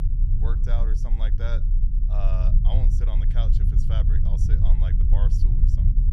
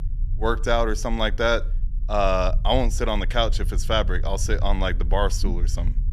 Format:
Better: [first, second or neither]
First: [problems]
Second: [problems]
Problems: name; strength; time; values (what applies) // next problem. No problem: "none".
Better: second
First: low rumble; loud; throughout; 1 dB below the speech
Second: low rumble; faint; throughout; 25 dB below the speech